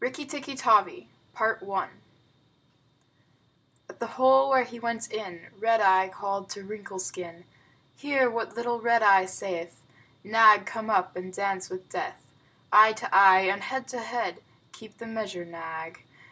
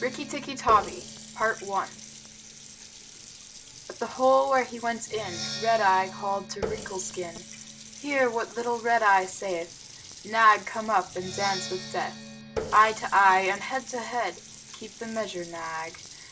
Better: first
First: none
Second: background sound (Water tap, faucet + Percussion); 13 dB below the speech

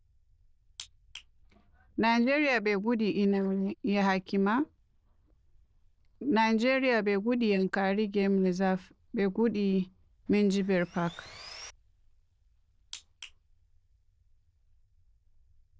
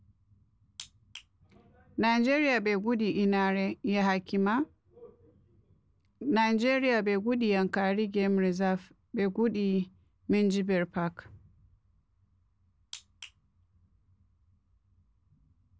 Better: second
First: noise reduction (neural diffusion model UNIVERSE++)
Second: none

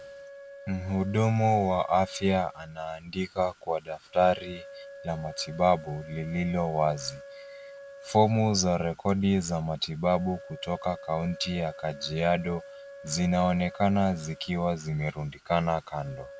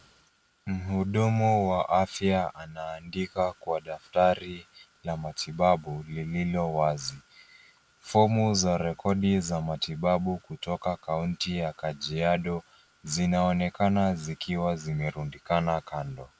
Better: second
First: background sound (Wind instrument, woodwind instrument); 18 dB below the speech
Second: none

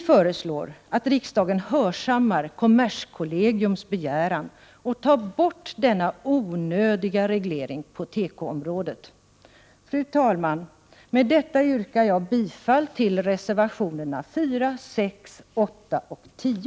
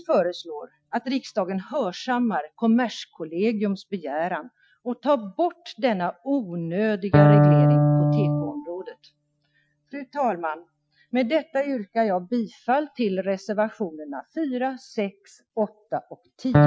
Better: first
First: none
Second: noise reduction (classical method Wiener filter)

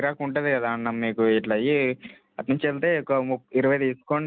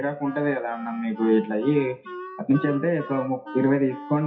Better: first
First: none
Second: noise reduction (classical method WPE with log-MMSE)

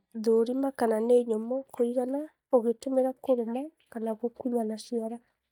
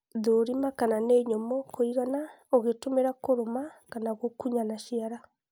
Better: second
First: noise reduction (neural mask model DeepFilterNet 3)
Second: none

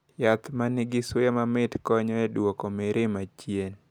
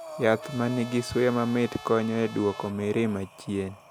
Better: first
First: none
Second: background sound (Trumpet + Breathing); 16 dB below the speech

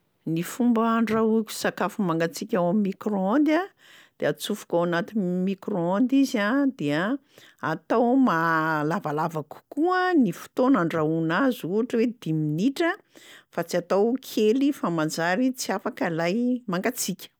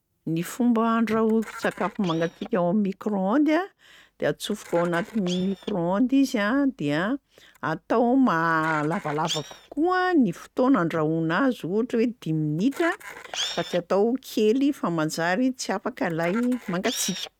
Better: first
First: none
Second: noise reduction (neural mask model RNNoise)

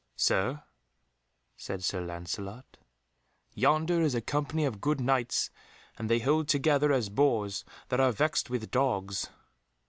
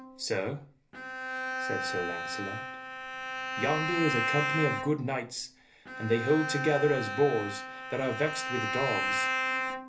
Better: first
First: none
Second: background sound (Bowed string instrument); 2 dB below the speech // room echo; dies away in 0.3 s

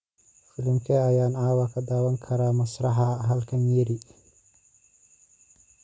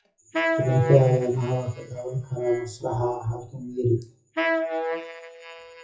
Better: first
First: none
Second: noise reduction (classical method WPE with log-MMSE)

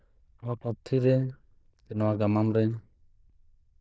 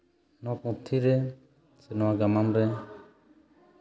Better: second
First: noise reduction (neural diffusion model UNIVERSE++)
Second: none

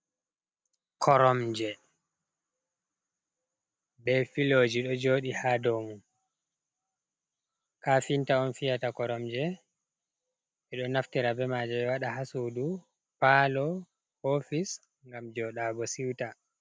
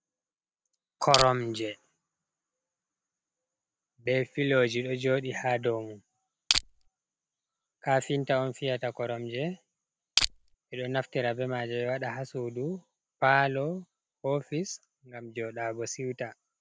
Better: first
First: none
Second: background sound (Crushing); 3 dB above the speech

